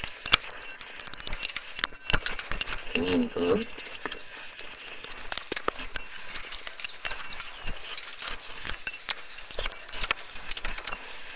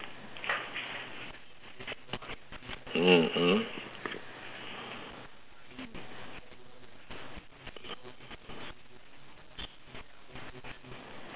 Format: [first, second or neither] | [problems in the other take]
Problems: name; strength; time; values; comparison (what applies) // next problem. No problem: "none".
second | noise reduction (neural separator model SepFormer WHAMR!)